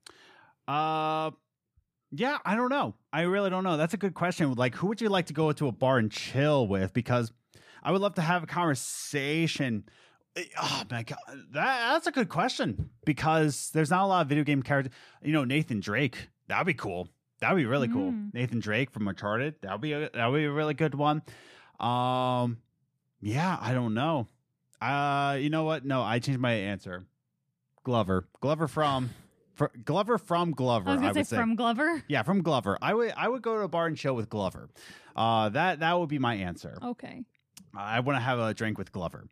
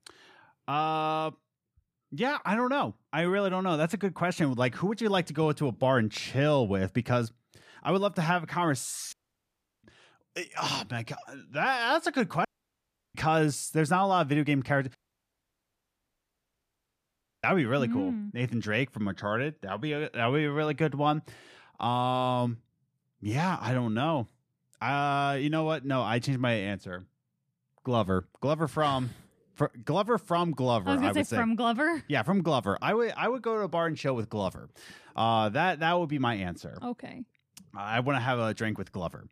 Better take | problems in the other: first | audio cutting out; at 9 s for 0.5 s, at 12 s for 0.5 s and at 15 s for 2.5 s

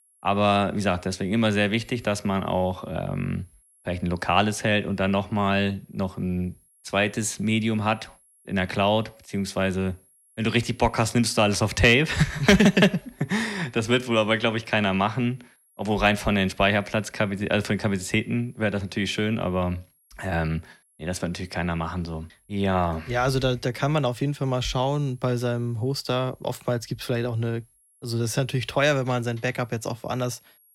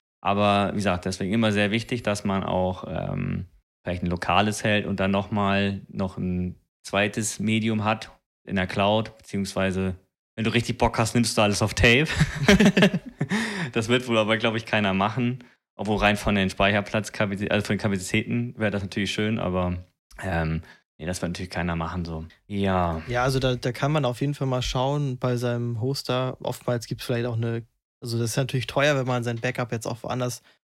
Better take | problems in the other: second | high-pitched whine; faint; throughout; 11 kHz, 35 dB below the speech

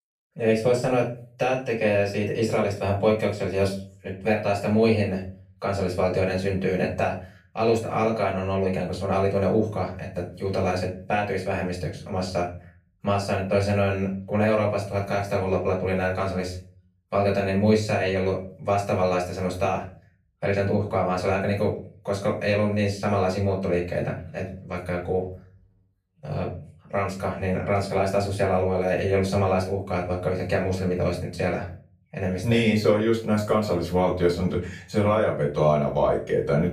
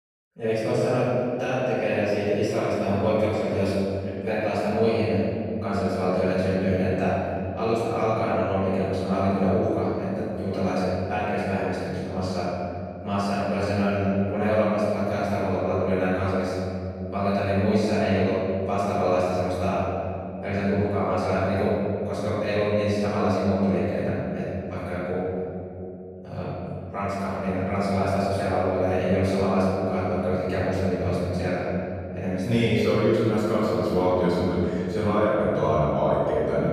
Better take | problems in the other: first | room echo; strong; dies away in 2.9 s; slight in the first // off-mic speech; far; far in the first

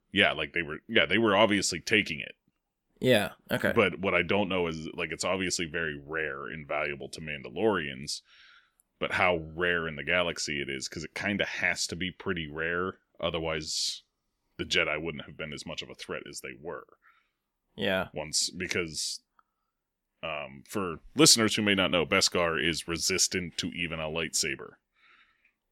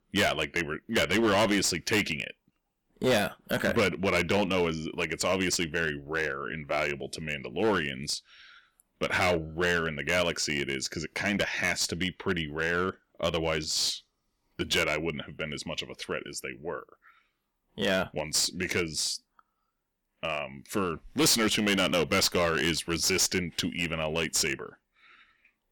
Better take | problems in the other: first | distortion; heavy; 6% of the sound clipped

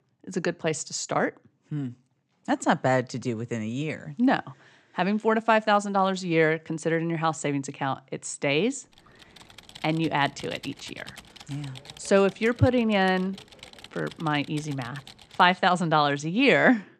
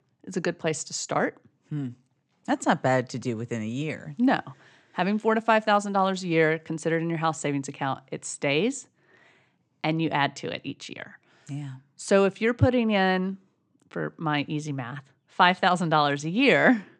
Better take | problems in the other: second | keyboard typing; faint; from 9 to 15 s; peak 15 dB below the speech

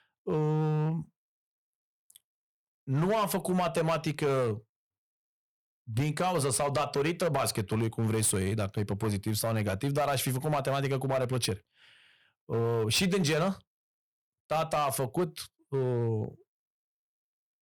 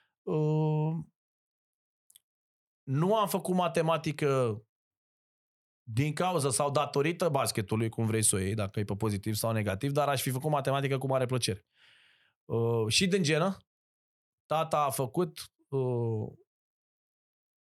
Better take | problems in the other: second | distortion; slight; 8% of the sound clipped

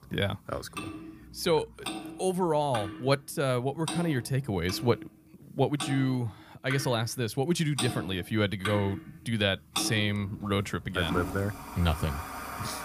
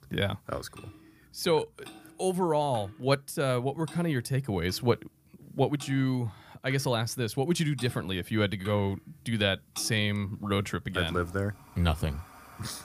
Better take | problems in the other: second | household noises; loud; throughout; 9 dB below the speech; faint in the second

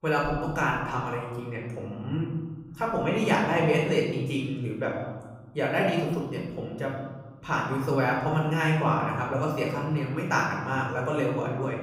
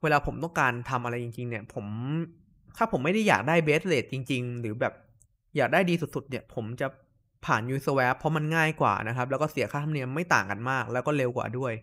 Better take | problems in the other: second | off-mic speech; far // room echo; noticeable; dies away in 1.3 s

